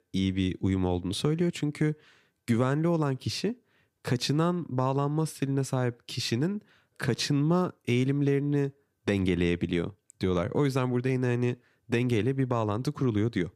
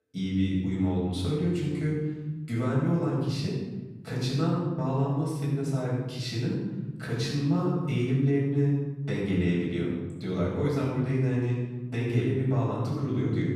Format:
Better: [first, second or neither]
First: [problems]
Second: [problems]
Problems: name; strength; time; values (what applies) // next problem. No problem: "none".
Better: first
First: none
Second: room echo; strong; dies away in 1.4 s // off-mic speech; far